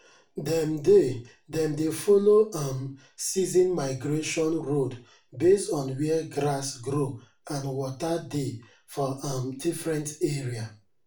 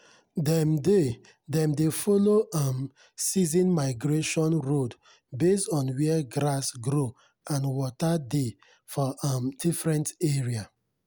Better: second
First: room echo; dies away in 0.3 s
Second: none

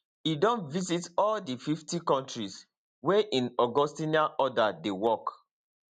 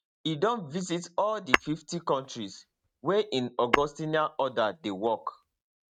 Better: first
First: none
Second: noise reduction (neural mask model RNNoise)

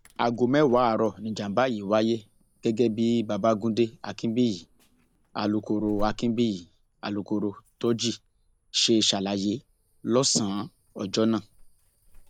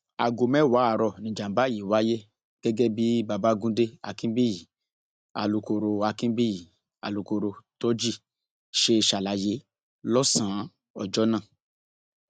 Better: second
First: background sound (Alarm / Insect); 19 dB below the speech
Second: none

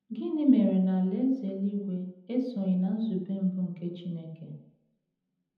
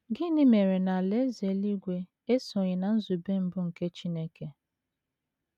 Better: second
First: room echo; dies away in 0.8 s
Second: none

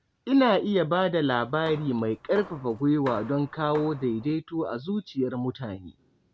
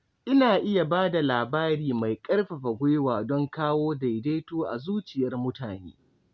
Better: second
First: background sound (Hammer); 17 dB below the speech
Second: none

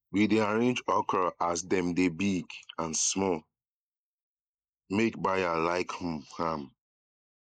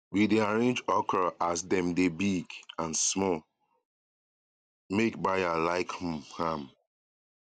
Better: second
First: noise reduction (neural mask model Resemble Enhance denoiser)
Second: none

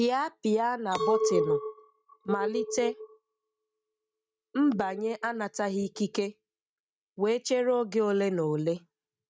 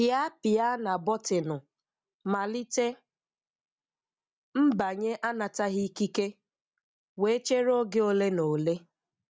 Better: second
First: noise reduction (neural mask model RNNoise)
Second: none

